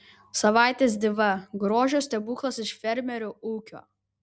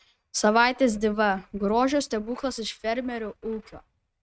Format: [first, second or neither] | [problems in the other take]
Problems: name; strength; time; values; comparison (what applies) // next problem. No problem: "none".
first | noise reduction (neural mask model RNNoise)